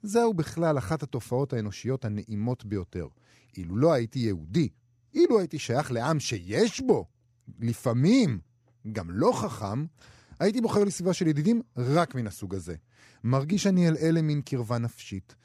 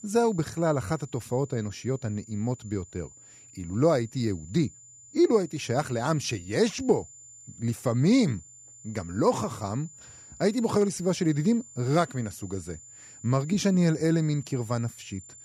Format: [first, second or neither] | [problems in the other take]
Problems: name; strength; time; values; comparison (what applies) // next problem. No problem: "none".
first | high-pitched whine; noticeable; throughout; 7 kHz, 20 dB below the speech